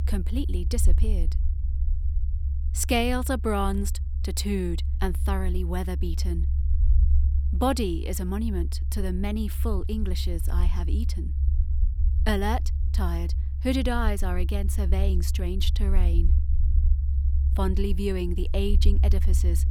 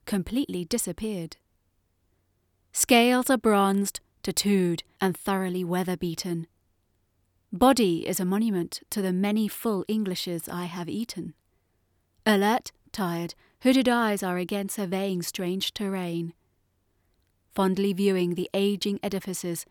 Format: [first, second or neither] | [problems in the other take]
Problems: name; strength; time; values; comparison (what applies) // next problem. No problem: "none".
second | low rumble; noticeable; throughout; 15 dB below the speech